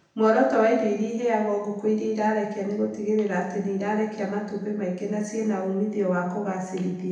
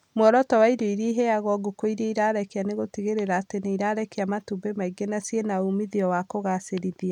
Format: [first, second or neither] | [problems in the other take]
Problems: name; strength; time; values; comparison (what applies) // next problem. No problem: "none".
second | room echo; dies away in 0.9 s